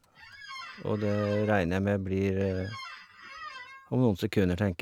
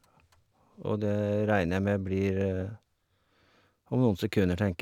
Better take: second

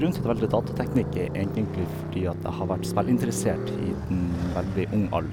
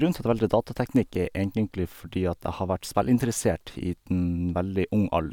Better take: second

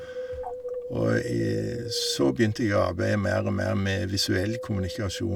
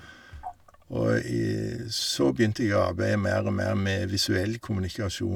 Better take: second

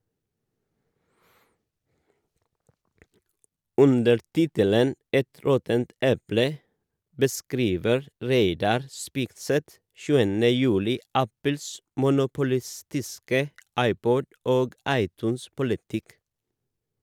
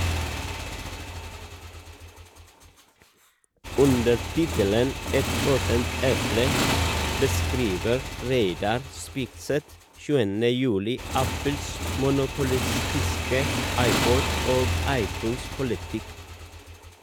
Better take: first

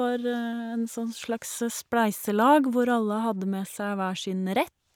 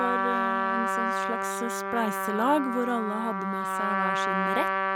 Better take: first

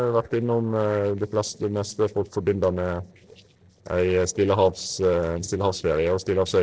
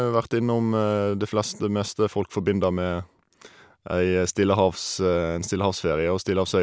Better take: second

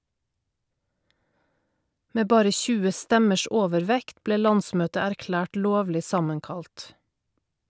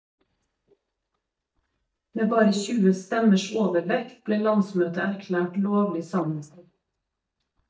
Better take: first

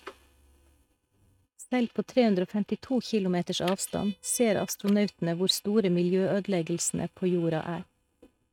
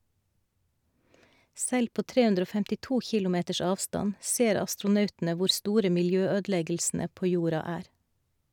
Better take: second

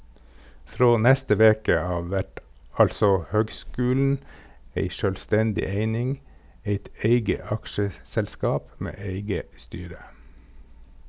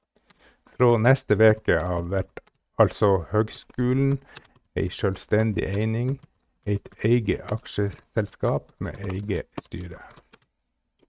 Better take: first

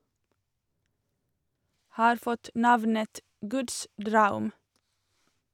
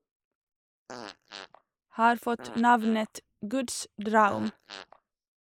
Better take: first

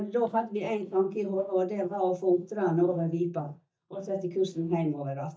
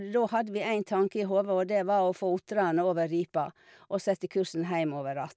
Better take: second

